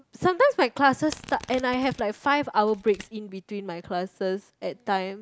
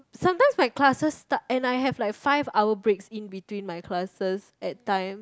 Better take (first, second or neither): second